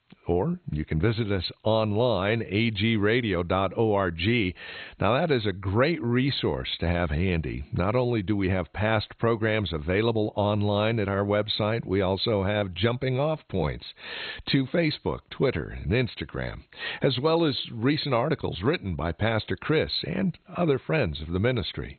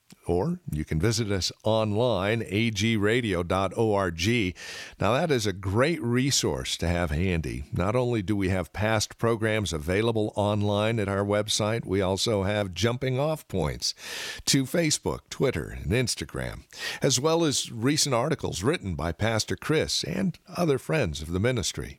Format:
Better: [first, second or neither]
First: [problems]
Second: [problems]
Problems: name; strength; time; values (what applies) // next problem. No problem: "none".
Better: second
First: garbled, watery; badly; nothing above 4 kHz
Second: none